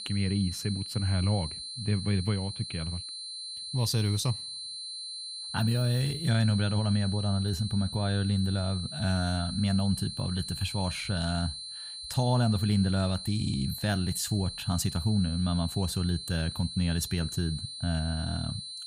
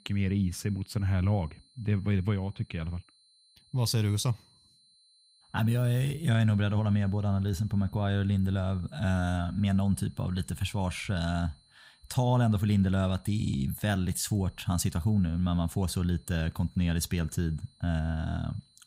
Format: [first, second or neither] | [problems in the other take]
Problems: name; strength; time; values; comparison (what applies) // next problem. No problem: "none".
second | high-pitched whine; loud; throughout; 4 kHz, 7 dB below the speech; faint in the second